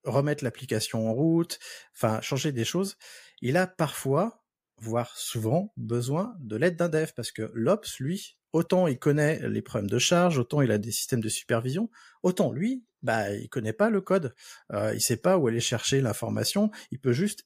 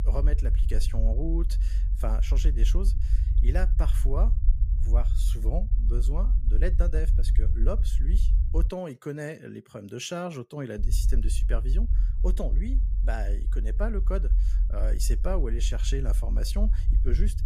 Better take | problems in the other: first | low rumble; noticeable; until 8.5 s and from 11 s on; 10 dB below the speech

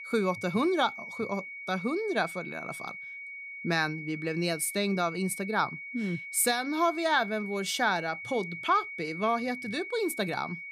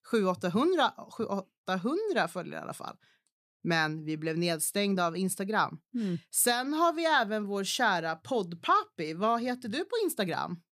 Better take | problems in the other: second | high-pitched whine; loud; throughout; 2 kHz, 9 dB below the speech

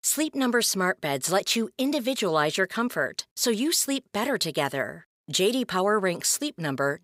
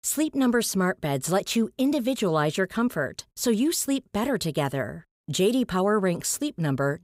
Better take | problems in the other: second | thin; very slightly; fading below 400 Hz

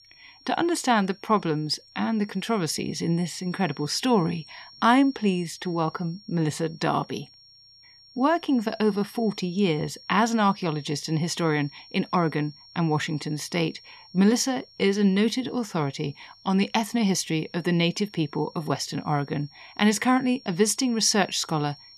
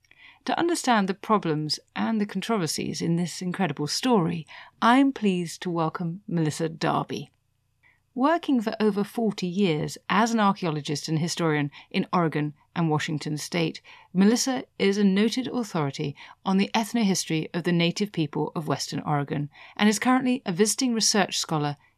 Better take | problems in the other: second | high-pitched whine; faint; throughout; 5.5 kHz, 25 dB below the speech

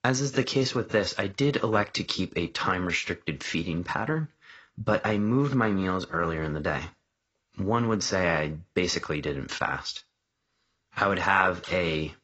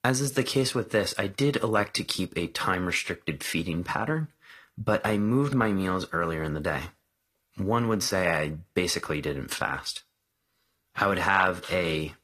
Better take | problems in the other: second | garbled, watery; badly; nothing above 6.5 kHz; slightly in the second

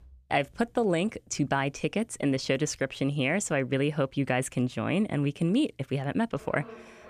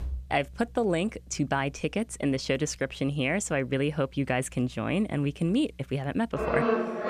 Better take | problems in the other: first | background music; loud; throughout; 1 dB below the speech; faint in the first

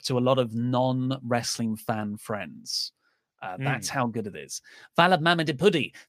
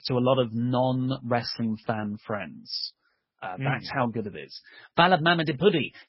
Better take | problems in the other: first | garbled, watery; badly; nothing above 5.5 kHz

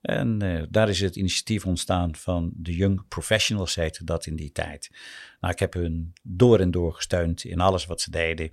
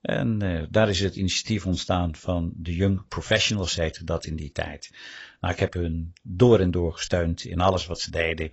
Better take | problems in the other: first | garbled, watery; badly; nothing above 7.5 kHz

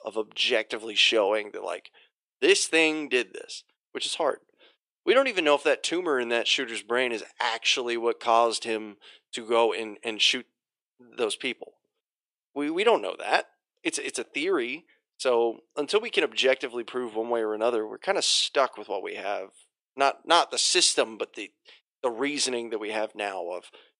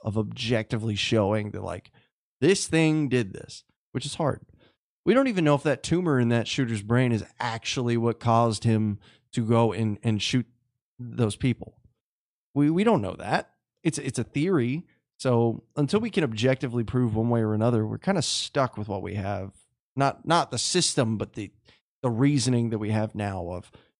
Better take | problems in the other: second | thin; very; fading below 400 Hz

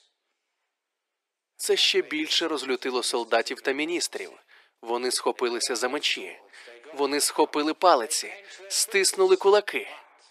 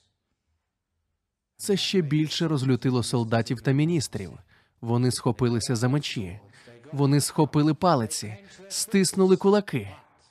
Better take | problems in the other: second | thin; very; fading below 350 Hz

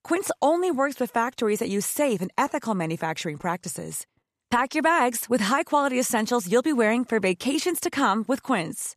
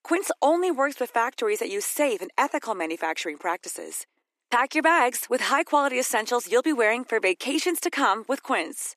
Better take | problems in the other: first | thin; somewhat; fading below 300 Hz

